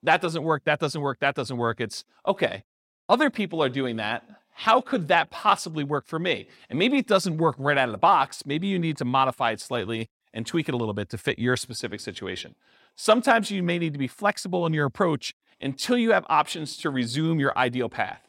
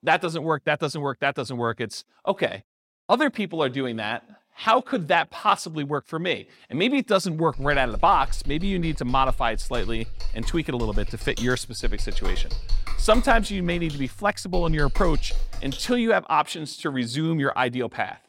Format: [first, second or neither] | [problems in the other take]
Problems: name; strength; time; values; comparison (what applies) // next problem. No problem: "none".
first | keyboard typing; noticeable; from 7.5 to 16 s; peak 6 dB below the speech